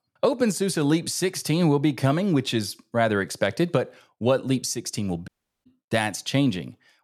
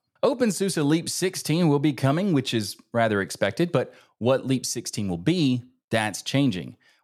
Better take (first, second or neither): second